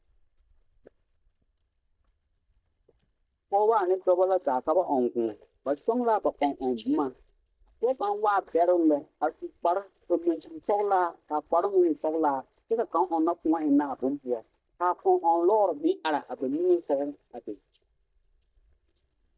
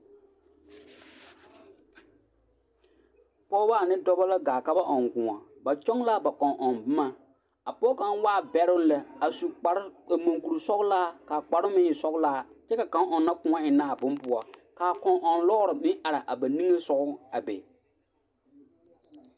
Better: second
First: noise reduction (neural mask model DeepFilterNet 3)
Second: none

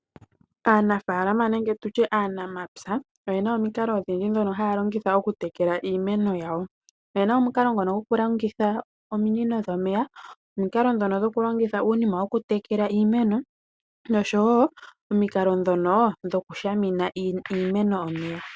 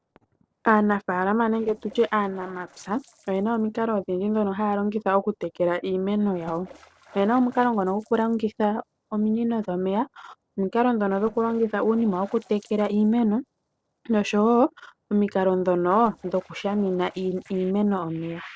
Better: first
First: none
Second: noise reduction (neural separator model SepFormer DNS4)

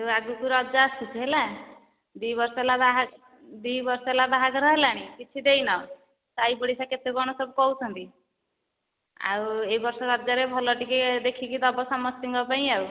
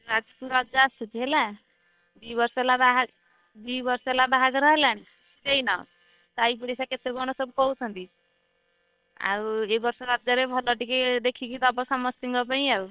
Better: first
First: none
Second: noise reduction (neural separator model SepFormer WHAM!)

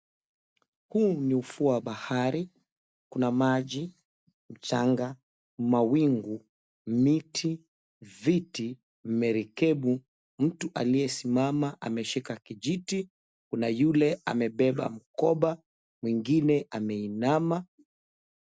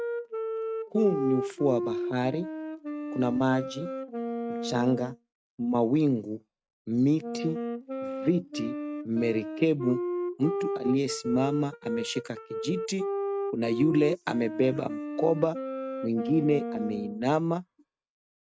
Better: first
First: none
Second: noise reduction (neural mask model RNNoise)

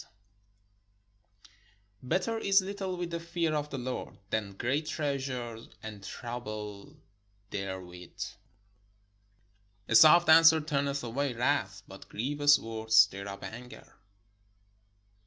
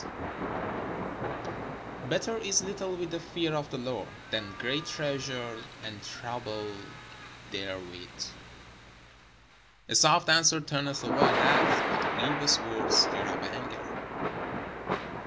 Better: first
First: none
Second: background sound (Thunder / Rain); 1 dB below the speech

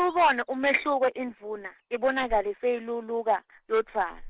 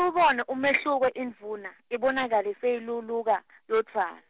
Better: second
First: noise reduction (neural mask model Resemble Enhance denoiser)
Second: none

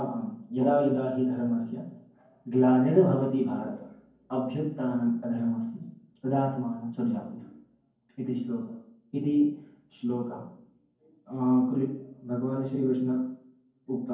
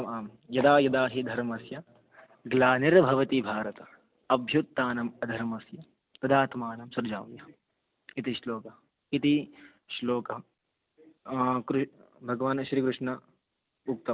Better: second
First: room echo; dies away in 0.9 s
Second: none

